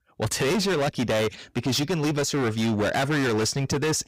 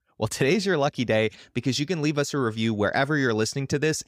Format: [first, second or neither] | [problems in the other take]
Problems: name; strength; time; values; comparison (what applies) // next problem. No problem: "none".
second | distortion; heavy; 31% of the sound clipped